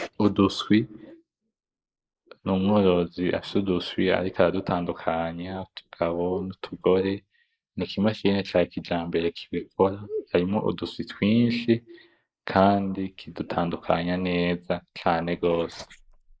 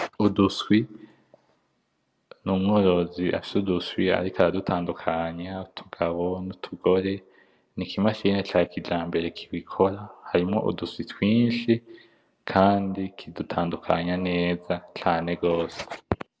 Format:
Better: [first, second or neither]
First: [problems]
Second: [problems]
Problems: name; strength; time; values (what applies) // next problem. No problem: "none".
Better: second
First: noise reduction (neural mask model Resemble Enhance denoiser)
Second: none